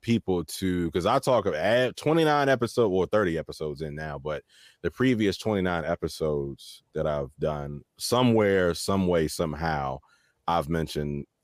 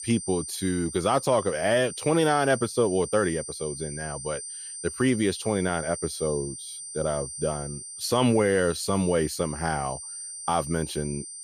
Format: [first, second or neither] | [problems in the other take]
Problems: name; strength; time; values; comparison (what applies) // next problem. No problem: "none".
first | high-pitched whine; loud; throughout; 9 kHz, 9 dB below the speech